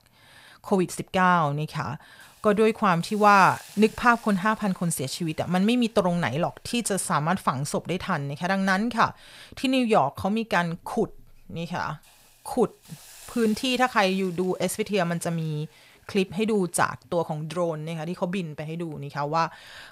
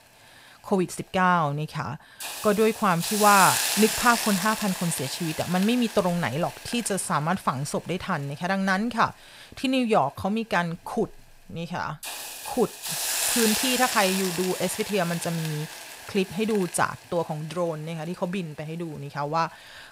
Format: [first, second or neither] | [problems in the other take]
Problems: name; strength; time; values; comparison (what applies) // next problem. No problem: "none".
first | hiss; loud; throughout; 3 dB below the speech; faint in the first